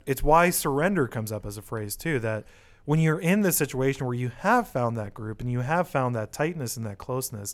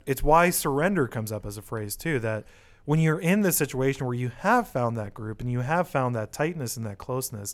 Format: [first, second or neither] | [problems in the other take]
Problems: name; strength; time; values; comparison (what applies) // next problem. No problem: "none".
neither | none